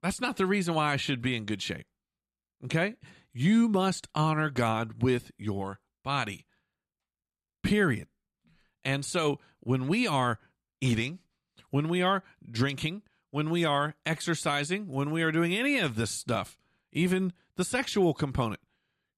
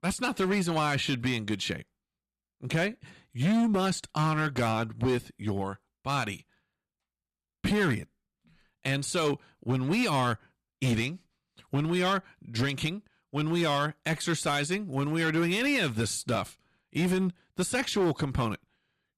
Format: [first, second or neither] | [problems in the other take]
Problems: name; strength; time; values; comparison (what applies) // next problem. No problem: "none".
first | distortion; slight; 8% of the sound clipped